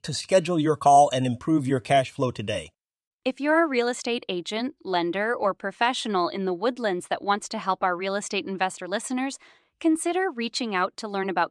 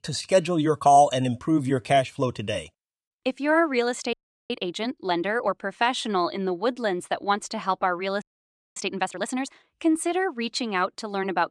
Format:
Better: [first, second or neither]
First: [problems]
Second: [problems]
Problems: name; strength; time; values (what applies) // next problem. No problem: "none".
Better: first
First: none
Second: audio freezing; at 4 s and at 8 s for 0.5 s